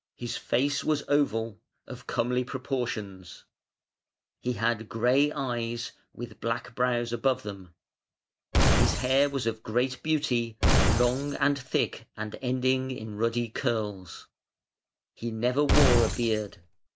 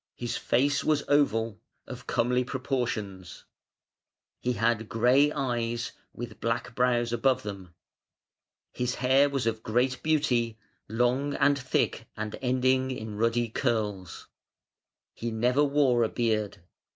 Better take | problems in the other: second | background sound (Glass); 4 dB above the speech

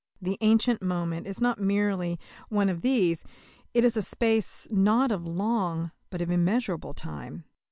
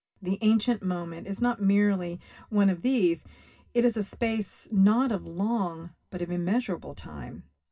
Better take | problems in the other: first | room echo; dies away in 0.4 s

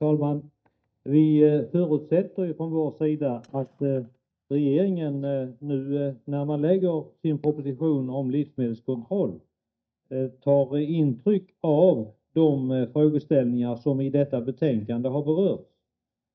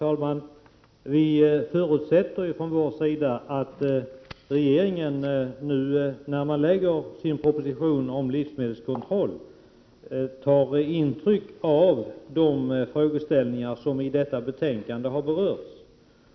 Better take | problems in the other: second | noise reduction (neural mask model DeepFilterNet 3)

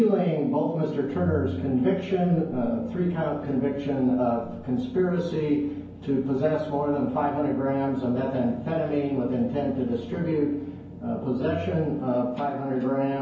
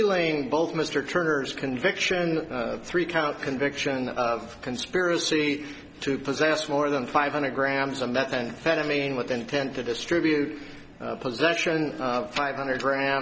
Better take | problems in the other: second | background sound (Organ); 17 dB below the speech // room echo; dies away in 0.9 s

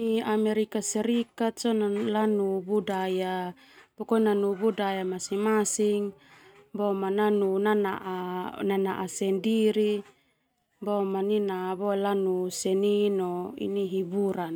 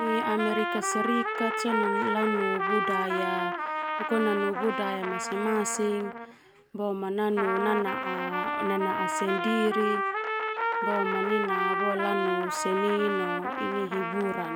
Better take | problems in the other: first | background sound (Trumpet); 1 dB below the speech

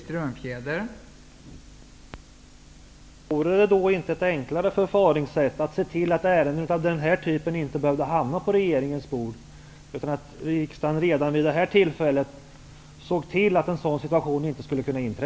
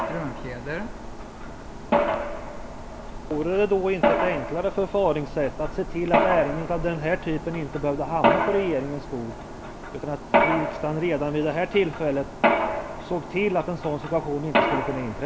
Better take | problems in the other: first | background sound (Mechanisms); as loud as the speech

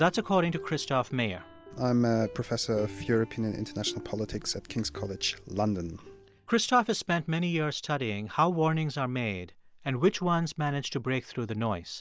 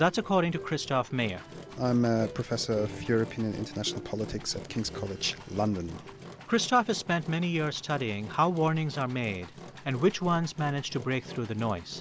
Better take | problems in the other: first | background sound (Engine); 16 dB below the speech

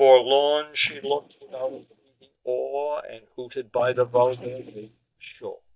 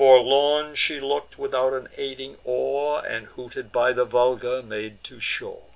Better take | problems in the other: second | noise reduction (neural mask model DeepFilterNet 3)

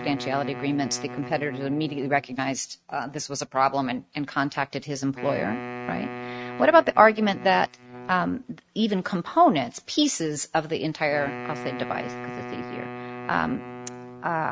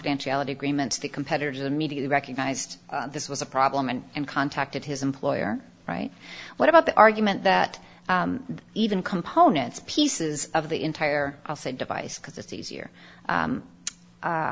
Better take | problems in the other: second | noise reduction (neural mask model RNNoise)

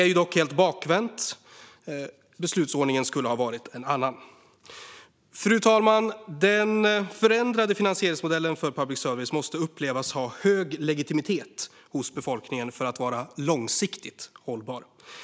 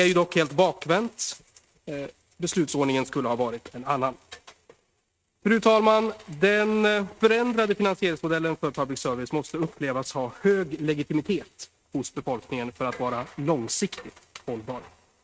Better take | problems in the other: first | noise reduction (neural mask model RNNoise)

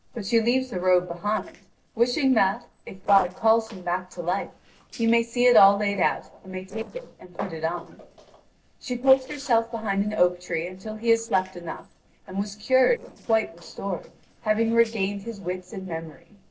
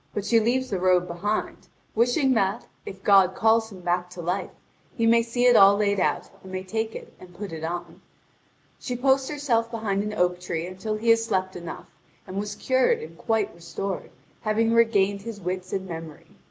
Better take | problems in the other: second | noise reduction (neural separator model SepFormer DNS4)

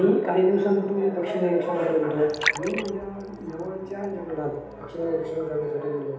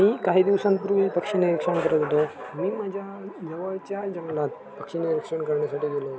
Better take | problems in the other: second | background sound (Liquid); 10 dB below the speech // room echo; dies away in 0.8 s

